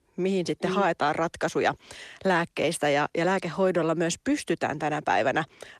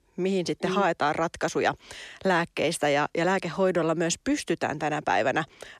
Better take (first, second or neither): second